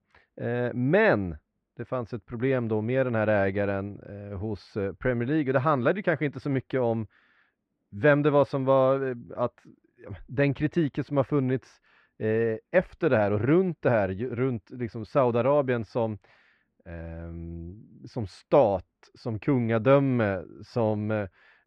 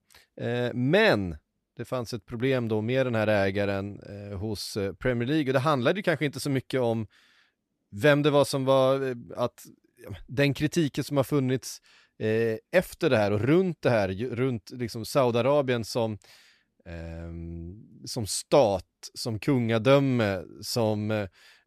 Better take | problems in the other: second | muffled; very; fading above 1.5 kHz

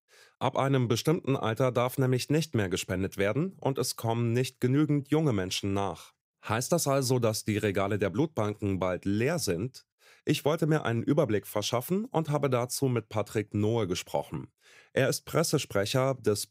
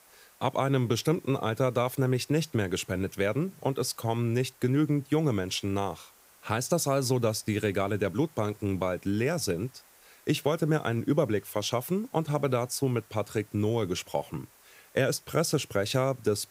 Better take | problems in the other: first | hiss; faint; throughout; 25 dB below the speech

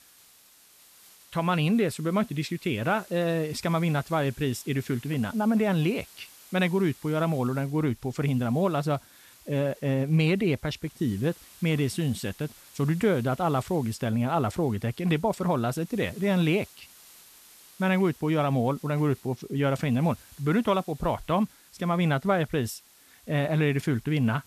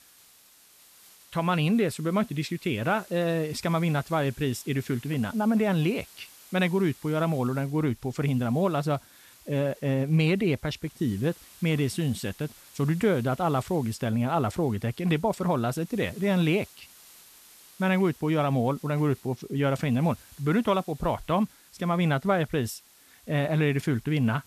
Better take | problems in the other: neither | hiss; faint; throughout; 25 dB below the speech; the same in both

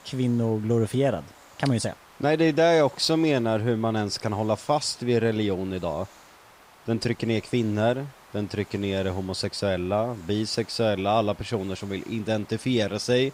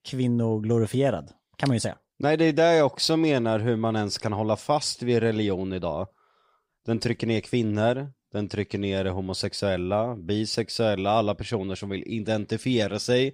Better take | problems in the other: second | hiss; faint; throughout; 25 dB below the speech

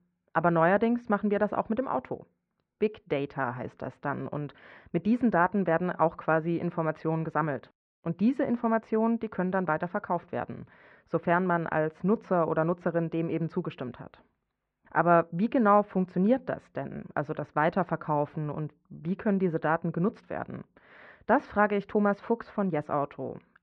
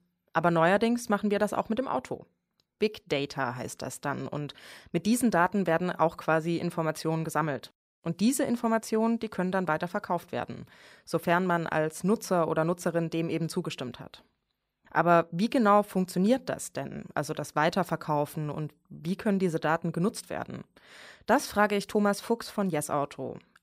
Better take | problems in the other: second | muffled; very; fading above 2 kHz

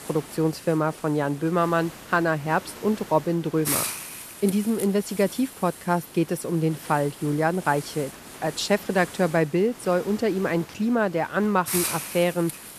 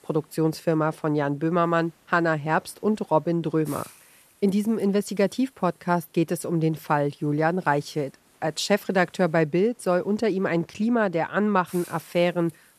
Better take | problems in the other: second | hiss; loud; throughout; 10 dB below the speech; faint in the second

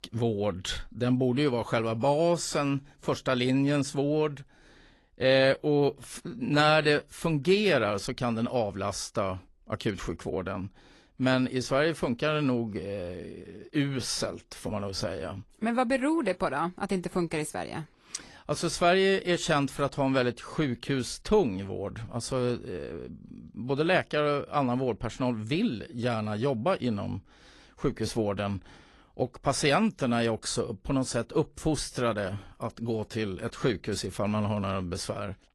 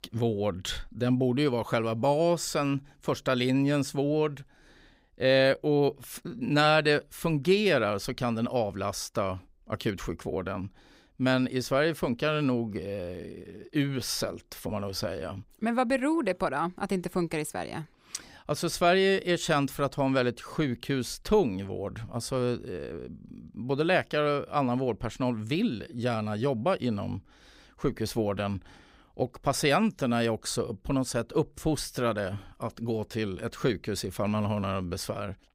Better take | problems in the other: second | garbled, watery; slightly; nothing above 11.5 kHz

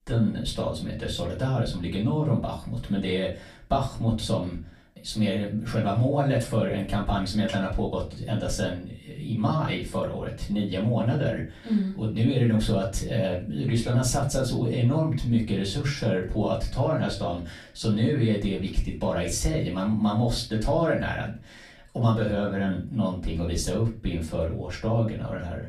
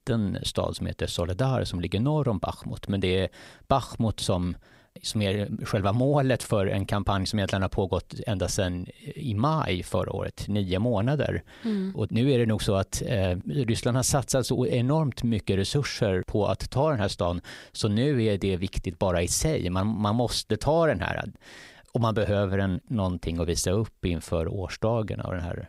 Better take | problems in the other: second | room echo; slight; dies away in 0.3 s // off-mic speech; far

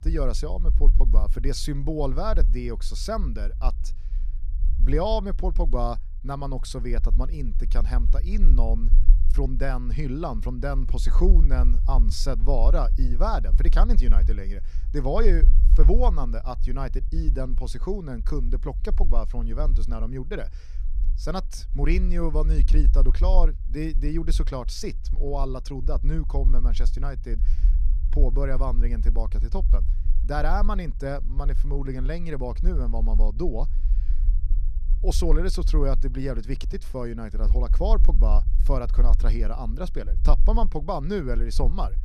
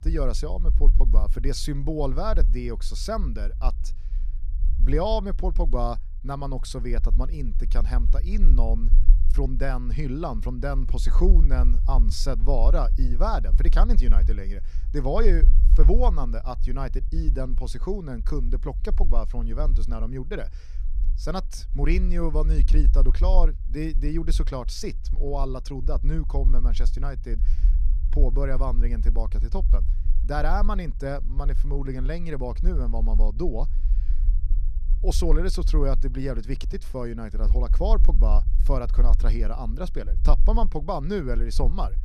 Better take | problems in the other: neither | low rumble; noticeable; throughout; 15 dB below the speech; the same in both

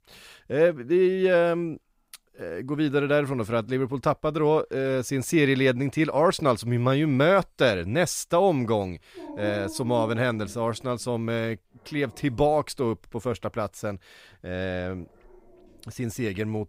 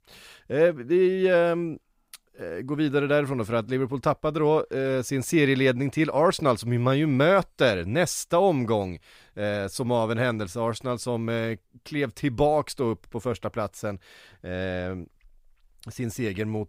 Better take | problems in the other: second | dog barking; faint; from 9 to 12 s; peak 10 dB below the speech

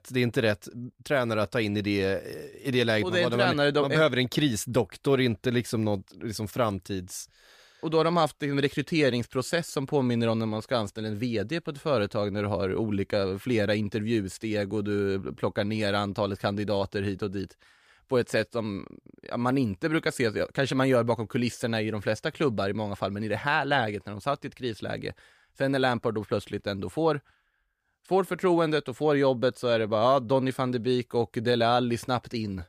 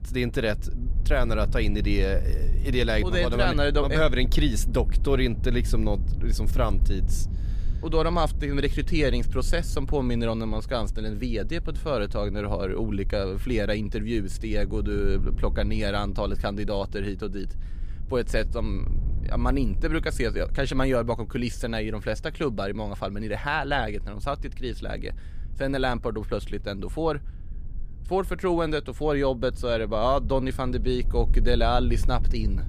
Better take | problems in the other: first | low rumble; faint; throughout; 20 dB below the speech

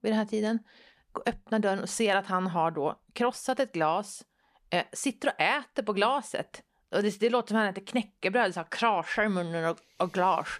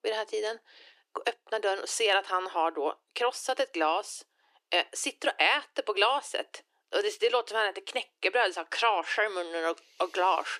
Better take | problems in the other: first | thin; very; fading below 300 Hz

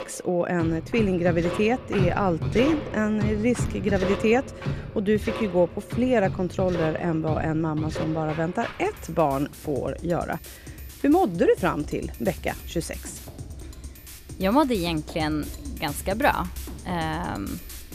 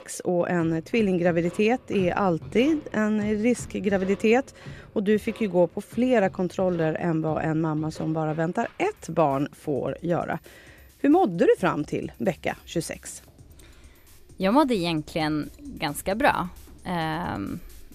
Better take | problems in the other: second | background music; loud; throughout; 9 dB below the speech; faint in the second

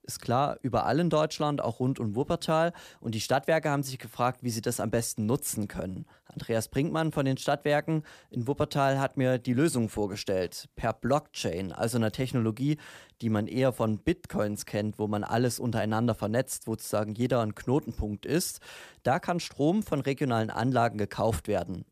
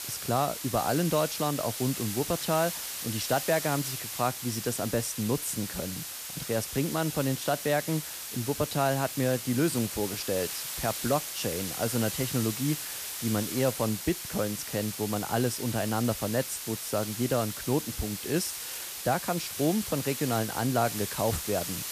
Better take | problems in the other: first | hiss; loud; throughout; 4 dB below the speech

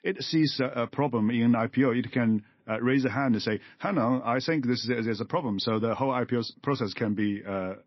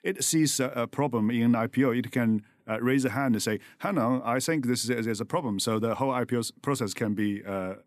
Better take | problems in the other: second | garbled, watery; slightly; nothing above 5.5 kHz

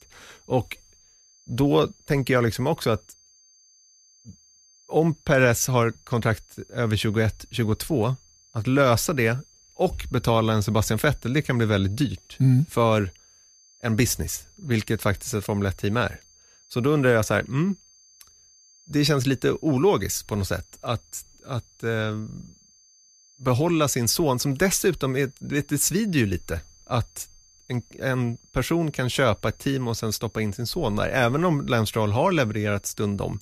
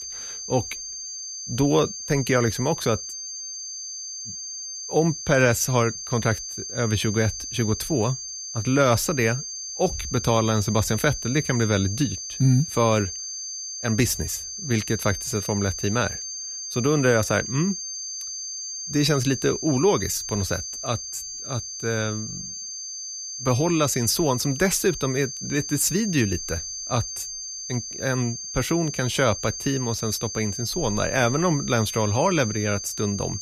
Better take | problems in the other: first | high-pitched whine; loud; throughout; 6.5 kHz, 7 dB below the speech; faint in the first

